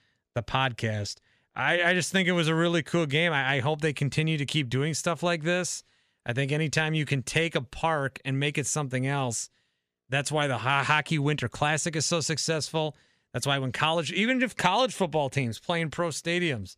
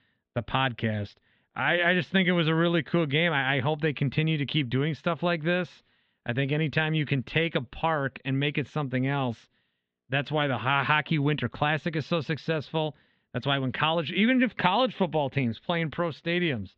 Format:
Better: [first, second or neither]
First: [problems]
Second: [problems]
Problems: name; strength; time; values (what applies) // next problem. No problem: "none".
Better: first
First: none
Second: muffled; very; fading above 3.5 kHz